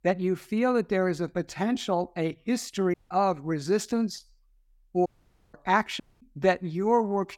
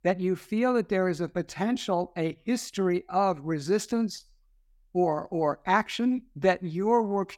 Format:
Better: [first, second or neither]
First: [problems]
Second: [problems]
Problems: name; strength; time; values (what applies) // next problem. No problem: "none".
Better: second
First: audio cutting out; at 3 s, at 5 s and at 6 s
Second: none